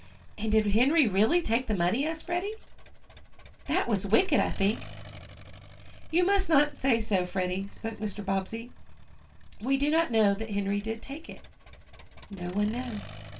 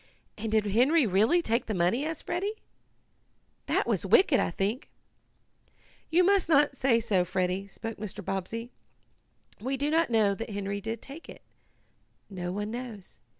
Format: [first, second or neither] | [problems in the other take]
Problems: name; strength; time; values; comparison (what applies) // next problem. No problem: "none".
second | background sound (Accelerating, revving, vroom); 20 dB below the speech // room echo; dies away in 0.2 s